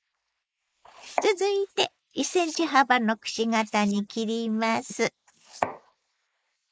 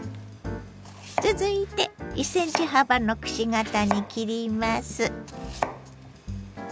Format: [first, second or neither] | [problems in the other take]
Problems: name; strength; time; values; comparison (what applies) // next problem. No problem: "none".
second | noise reduction (neural mask model Resemble Enhance denoiser)